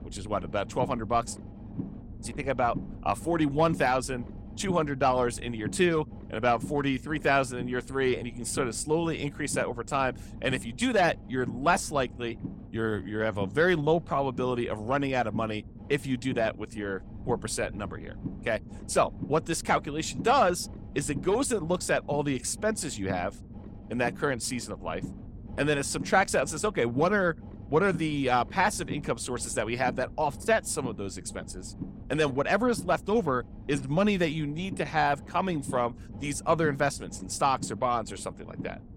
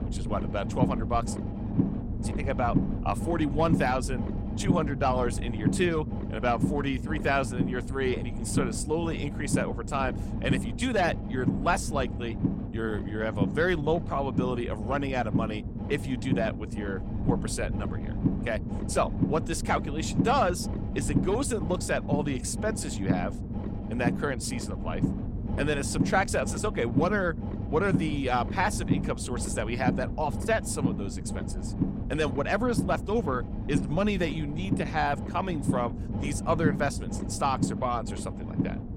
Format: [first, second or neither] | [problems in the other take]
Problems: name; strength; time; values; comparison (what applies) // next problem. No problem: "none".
first | low rumble; loud; throughout; 9 dB below the speech; faint in the first